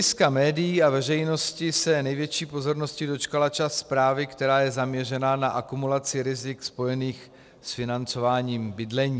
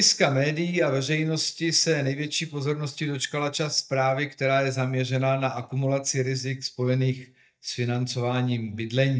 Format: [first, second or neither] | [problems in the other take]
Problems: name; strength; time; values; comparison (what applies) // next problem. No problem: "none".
first | noise reduction (neural mask model DeepFilterNet 3)